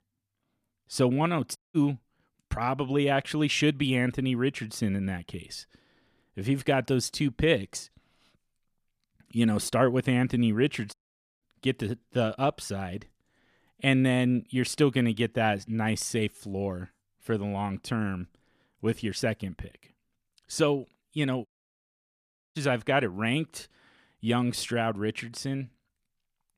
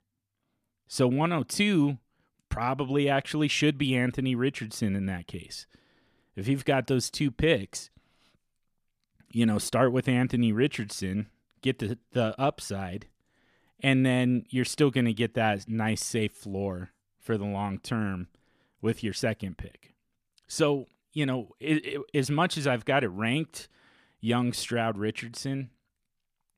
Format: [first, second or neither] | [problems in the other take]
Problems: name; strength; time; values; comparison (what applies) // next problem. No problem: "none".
second | audio cutting out; at 1.5 s, at 11 s and at 21 s for 1 s